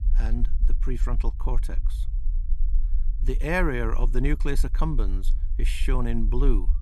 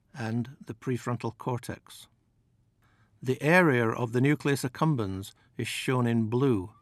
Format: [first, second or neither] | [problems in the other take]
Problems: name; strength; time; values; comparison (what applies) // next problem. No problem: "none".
second | low rumble; faint; throughout; 20 dB below the speech